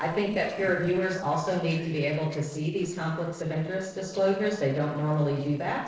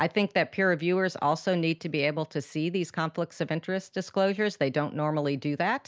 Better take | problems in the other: second | noise reduction (neural separator model SepFormer DNS4)

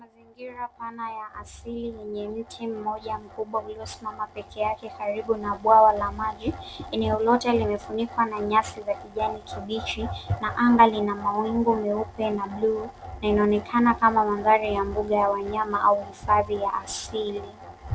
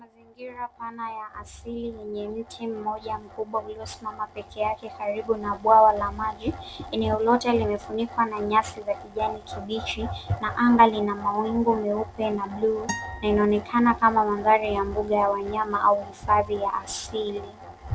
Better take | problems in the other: first | background sound (Acoustic guitar); 13 dB below the speech

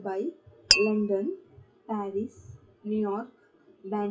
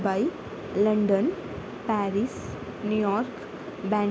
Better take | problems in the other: second | noise reduction (classical method WPE with log-MMSE)

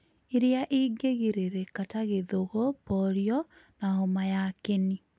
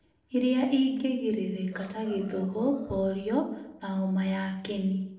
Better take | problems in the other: first | noise reduction (neural separator model SepFormer DNS4)

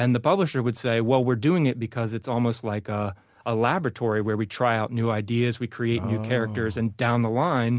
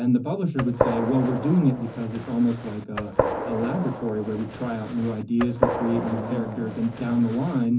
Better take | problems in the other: first | background sound (Gunshot, gunfire); 5 dB below the speech // room echo; dies away in 0.3 s

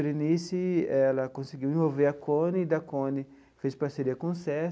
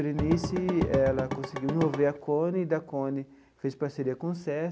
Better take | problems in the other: first | background sound (Drum / Drum kit); 4 dB below the speech

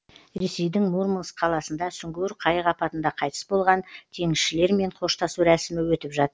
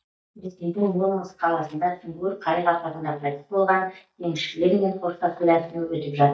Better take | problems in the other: first | noise reduction (neural mask model DeepFilterNet 3)

